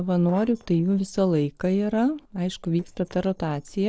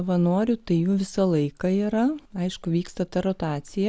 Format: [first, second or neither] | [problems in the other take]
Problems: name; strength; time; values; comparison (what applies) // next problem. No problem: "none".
second | noise reduction (neural separator model SepFormer DNS4)